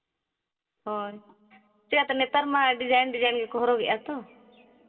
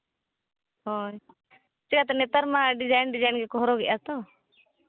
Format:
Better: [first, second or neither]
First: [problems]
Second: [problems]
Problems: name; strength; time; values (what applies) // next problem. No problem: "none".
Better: second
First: room echo; dies away in 2.3 s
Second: none